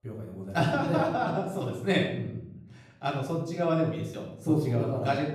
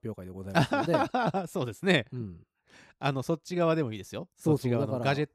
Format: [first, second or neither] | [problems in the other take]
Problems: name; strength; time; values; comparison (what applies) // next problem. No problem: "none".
second | off-mic speech; far // room echo; noticeable; dies away in 0.7 s